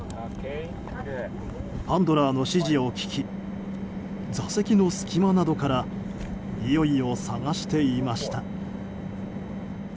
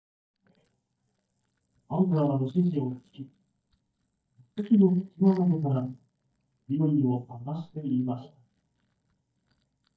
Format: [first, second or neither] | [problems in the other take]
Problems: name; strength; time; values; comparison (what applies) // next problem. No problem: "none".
first | noise reduction (neural mask model DeepFilterNet 3)